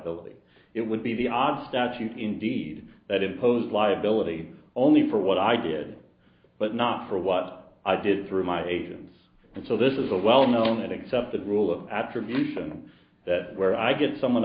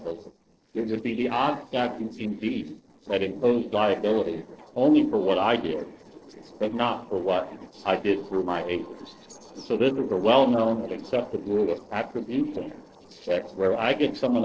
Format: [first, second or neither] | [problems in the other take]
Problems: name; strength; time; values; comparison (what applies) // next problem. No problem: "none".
first | noise reduction (neural separator model SepFormer DNS4)